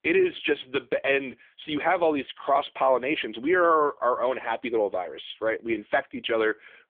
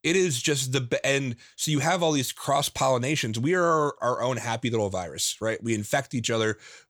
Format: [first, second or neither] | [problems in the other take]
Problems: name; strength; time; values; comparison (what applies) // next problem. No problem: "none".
second | phone-call audio; poor line; nothing above 3.5 kHz